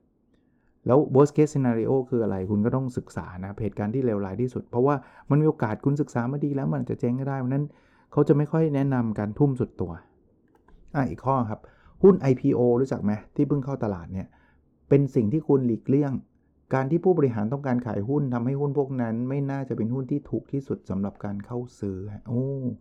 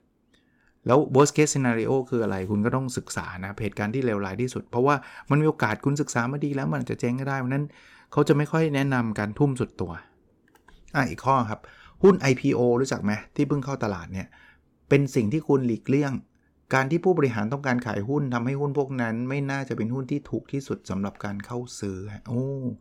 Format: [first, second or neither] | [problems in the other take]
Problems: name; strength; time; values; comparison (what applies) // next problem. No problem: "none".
second | muffled; slightly; fading above 1.5 kHz